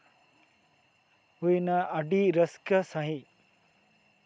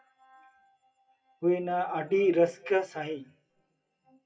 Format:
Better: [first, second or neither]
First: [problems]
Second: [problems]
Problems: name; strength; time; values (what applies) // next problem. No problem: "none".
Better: first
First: none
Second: noise reduction (classical method WPE with log-MMSE)